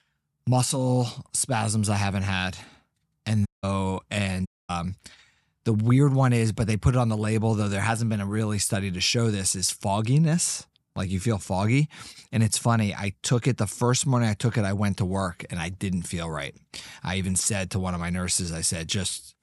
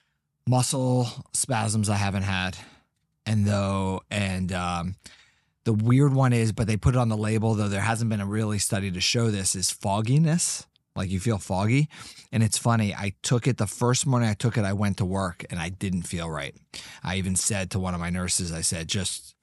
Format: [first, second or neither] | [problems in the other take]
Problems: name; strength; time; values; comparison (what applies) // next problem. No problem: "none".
second | audio cutting out; at 3.5 s and at 4.5 s